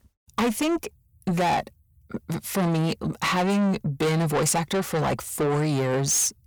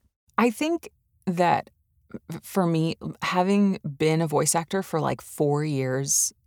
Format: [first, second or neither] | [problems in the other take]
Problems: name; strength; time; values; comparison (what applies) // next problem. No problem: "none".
second | distortion; heavy; 6 dB below the speech